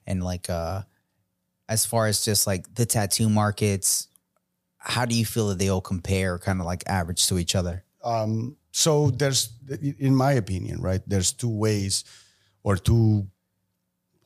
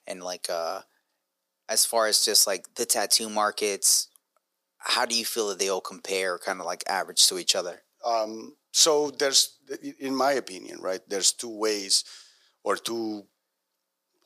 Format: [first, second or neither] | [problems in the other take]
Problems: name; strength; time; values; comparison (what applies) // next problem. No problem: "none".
first | thin; very; fading below 350 Hz